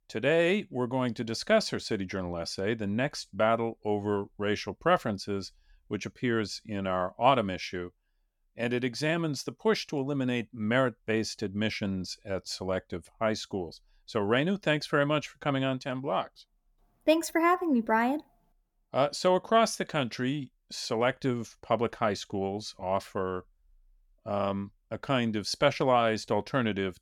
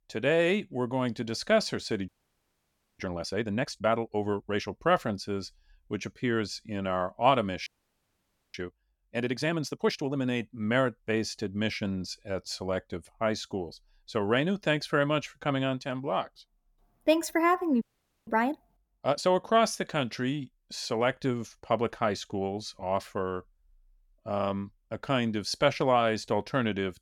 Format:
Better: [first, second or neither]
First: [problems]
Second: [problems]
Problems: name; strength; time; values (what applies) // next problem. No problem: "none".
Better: first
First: none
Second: audio freezing; at 2 s for 1 s, at 7.5 s for 1 s and at 18 s